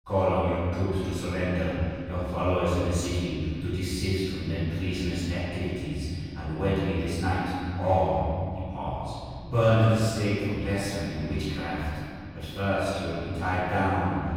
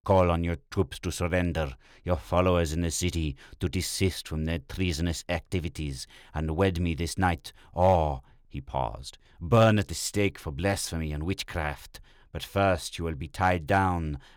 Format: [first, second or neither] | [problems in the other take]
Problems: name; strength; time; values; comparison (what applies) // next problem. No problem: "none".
second | room echo; strong; dies away in 2.7 s // off-mic speech; far